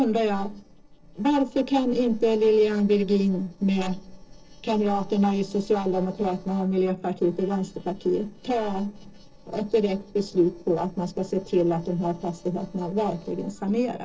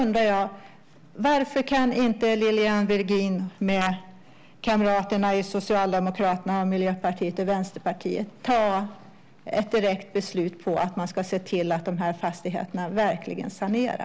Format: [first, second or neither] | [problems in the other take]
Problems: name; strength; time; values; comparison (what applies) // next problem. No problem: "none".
second | noise reduction (neural separator model SepFormer DNS4)